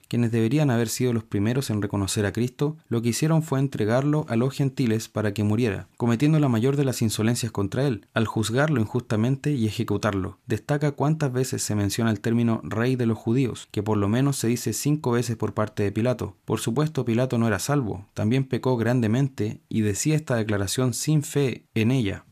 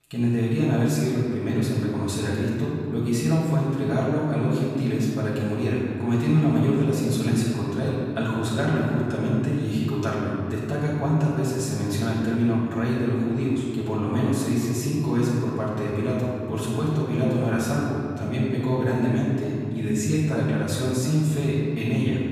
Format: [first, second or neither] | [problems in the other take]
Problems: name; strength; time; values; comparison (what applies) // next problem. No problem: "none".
first | off-mic speech; far // room echo; strong; dies away in 2.6 s